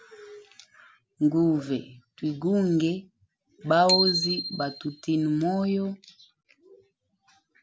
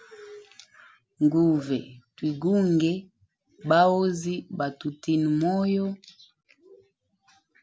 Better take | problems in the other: second | background sound (Bicycle bell); 4 dB below the speech

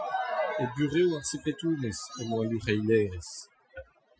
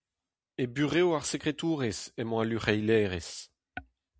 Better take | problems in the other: second | noise reduction (classical method Wiener filter)

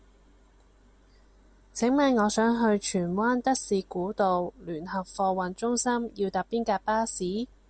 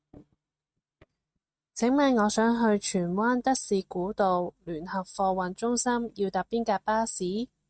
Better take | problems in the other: first | noise reduction (neural mask model RNNoise)

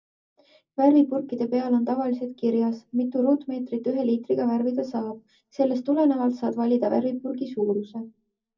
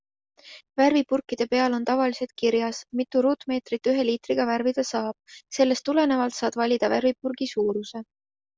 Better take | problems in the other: second | room echo; dies away in 0.4 s

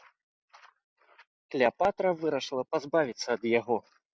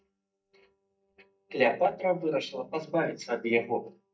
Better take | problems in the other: first | noise reduction (neural mask model DeepFilterNet 3)

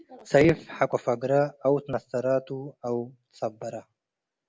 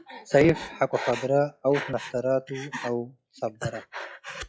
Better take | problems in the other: first | noise reduction (classical method log-MMSE)

